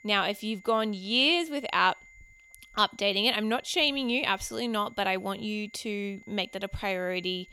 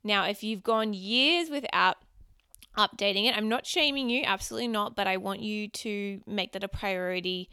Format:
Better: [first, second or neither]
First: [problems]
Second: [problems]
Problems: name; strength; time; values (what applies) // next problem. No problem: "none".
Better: second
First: high-pitched whine; faint; throughout; 2 kHz, 25 dB below the speech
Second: none